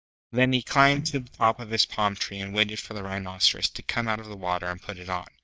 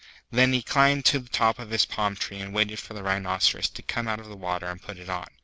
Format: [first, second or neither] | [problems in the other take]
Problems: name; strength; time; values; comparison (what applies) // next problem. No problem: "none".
second | noise reduction (neural mask model DeepFilterNet 3)